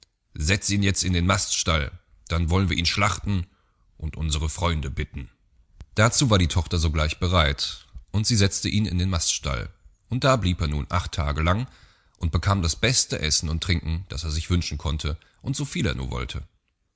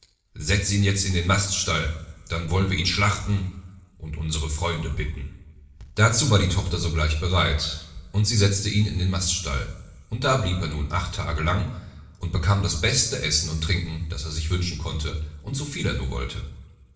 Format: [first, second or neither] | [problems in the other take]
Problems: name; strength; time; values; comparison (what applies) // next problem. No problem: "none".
first | room echo; dies away in 0.9 s